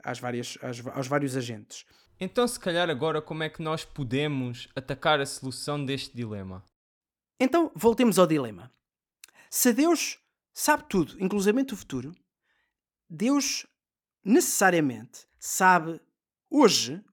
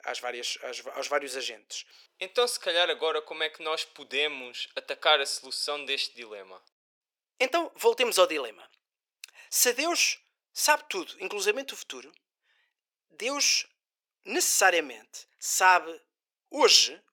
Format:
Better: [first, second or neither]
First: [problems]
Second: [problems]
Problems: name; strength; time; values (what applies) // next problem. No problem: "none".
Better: first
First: none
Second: thin; very; fading below 450 Hz